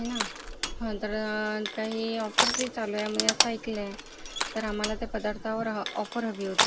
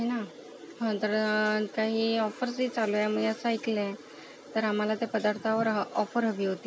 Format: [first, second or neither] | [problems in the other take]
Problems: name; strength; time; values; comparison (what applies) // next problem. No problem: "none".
second | background sound (Crushing); as loud as the speech